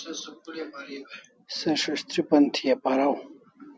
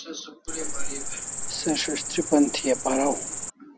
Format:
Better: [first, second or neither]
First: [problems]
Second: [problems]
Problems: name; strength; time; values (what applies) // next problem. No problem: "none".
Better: first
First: none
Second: background sound (Cricket); 2 dB below the speech